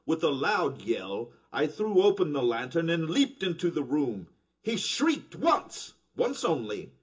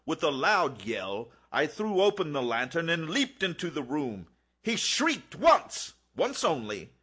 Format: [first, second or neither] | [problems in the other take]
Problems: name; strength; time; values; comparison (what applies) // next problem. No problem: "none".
second | room echo; dies away in 0.2 s